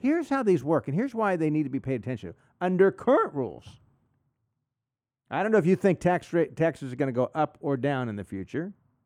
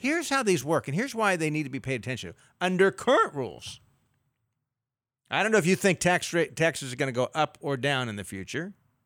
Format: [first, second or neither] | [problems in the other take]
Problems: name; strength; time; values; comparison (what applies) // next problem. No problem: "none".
second | muffled; very; fading above 2 kHz